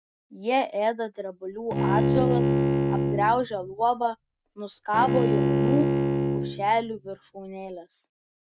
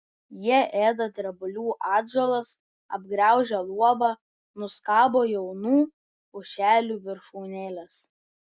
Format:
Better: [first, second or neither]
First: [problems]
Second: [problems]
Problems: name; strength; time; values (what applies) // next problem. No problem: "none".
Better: second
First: noise reduction (neural mask model RNNoise)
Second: none